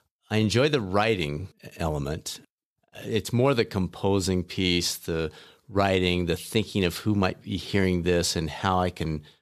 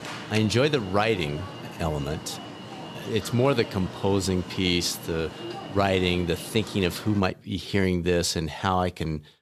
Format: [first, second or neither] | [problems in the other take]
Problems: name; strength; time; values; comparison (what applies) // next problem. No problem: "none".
first | alarm; noticeable; until 7 s; peak 8 dB below the speech